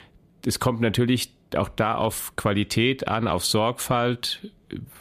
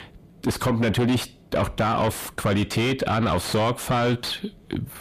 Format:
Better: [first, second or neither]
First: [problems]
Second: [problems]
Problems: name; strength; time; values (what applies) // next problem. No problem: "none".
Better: first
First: none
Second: distortion; heavy; 6 dB below the speech